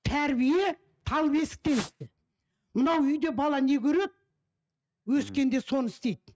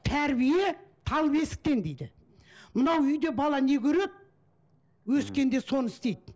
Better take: second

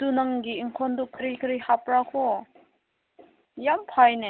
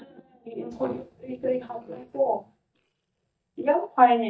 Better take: first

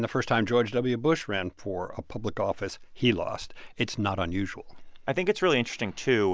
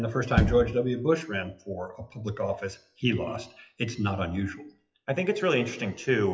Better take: first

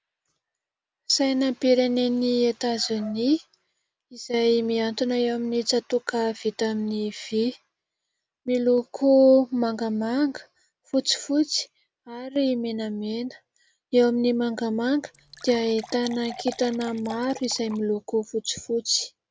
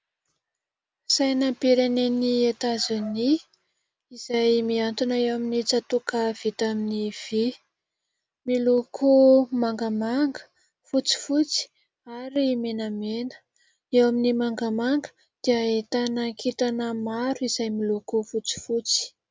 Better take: second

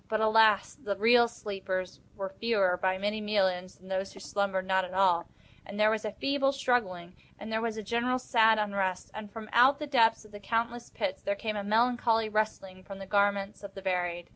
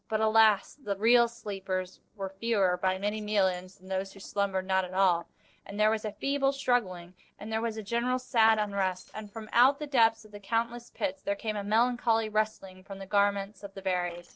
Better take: first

